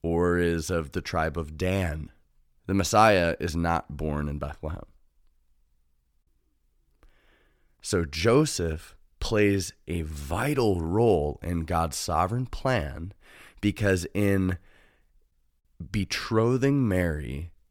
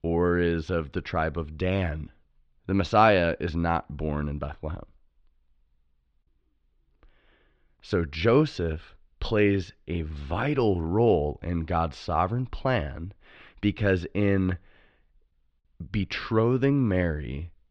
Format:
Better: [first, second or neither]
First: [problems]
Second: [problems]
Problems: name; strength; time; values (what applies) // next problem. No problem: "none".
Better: first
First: none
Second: muffled; slightly; fading above 3.5 kHz